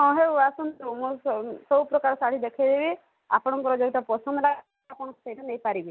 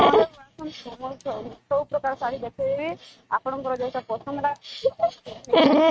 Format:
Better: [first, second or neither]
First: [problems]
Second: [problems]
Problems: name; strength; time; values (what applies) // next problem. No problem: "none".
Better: first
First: none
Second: noise reduction (neural mask model RNNoise)